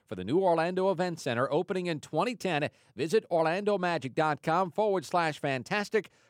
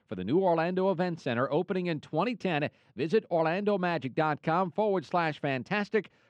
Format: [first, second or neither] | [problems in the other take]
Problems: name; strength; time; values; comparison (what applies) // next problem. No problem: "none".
first | muffled; very slightly; fading above 3 kHz